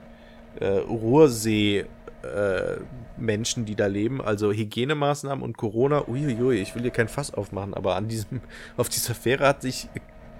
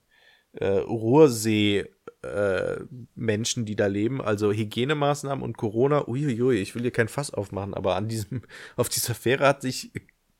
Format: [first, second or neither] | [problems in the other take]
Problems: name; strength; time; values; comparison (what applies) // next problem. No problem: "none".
second | low rumble; faint; until 4.5 s and from 5.5 s on; 25 dB below the speech